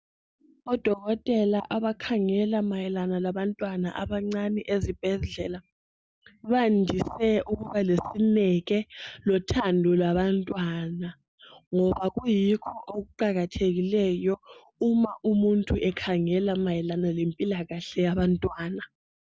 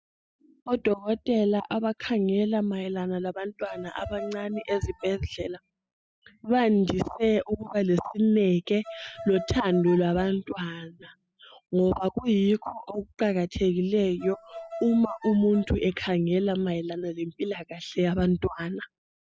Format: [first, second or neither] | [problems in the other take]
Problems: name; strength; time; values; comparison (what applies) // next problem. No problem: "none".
first | noise reduction (classical method spectral subtraction)